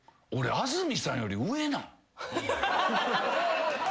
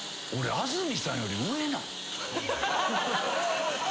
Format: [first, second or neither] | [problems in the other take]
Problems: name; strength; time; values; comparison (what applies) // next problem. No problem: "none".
first | background sound (Engine); 7 dB below the speech